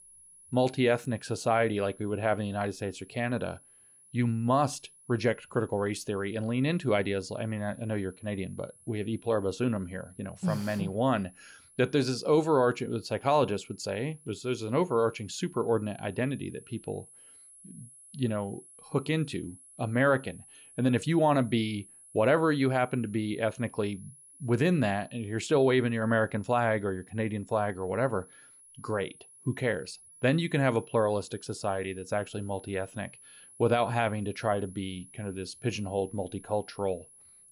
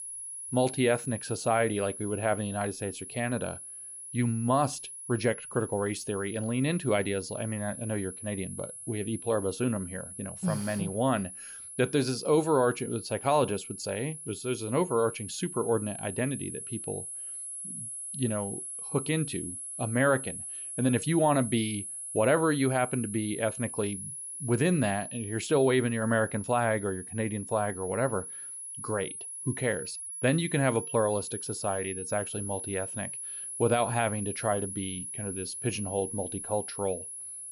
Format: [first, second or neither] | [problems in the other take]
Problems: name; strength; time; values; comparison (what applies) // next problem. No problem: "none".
first | high-pitched whine; loud; throughout; 10.5 kHz, 8 dB below the speech; faint in the first